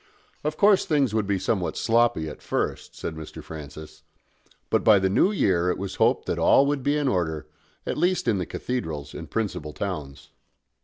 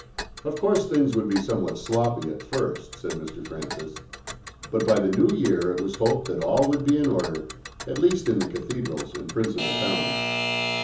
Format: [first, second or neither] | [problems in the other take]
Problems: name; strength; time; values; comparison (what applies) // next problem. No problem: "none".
first | background sound (Alarm / Clock); 9 dB below the speech // room echo; dies away in 0.7 s